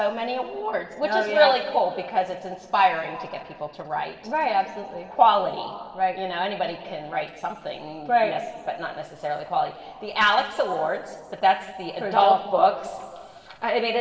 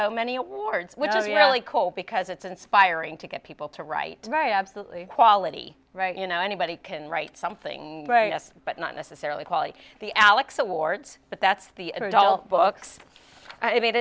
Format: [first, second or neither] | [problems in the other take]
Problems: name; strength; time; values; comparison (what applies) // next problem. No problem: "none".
second | room echo; dies away in 1.7 s